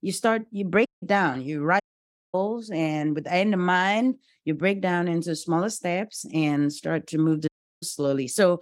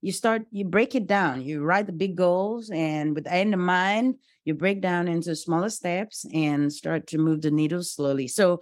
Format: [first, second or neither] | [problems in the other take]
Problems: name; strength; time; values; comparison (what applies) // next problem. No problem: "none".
second | audio cutting out; at 1 s, at 2 s for 0.5 s and at 7.5 s